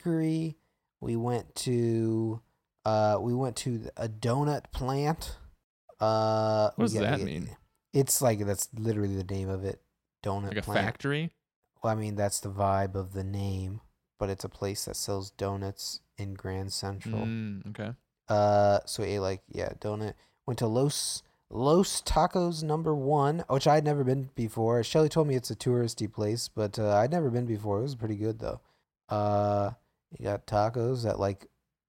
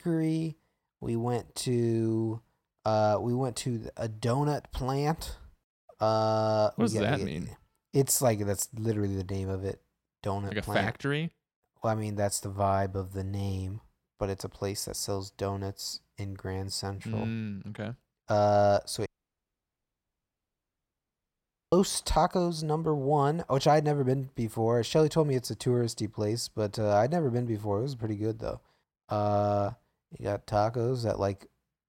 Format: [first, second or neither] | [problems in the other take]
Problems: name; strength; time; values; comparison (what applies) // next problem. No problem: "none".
first | audio cutting out; at 19 s for 2.5 s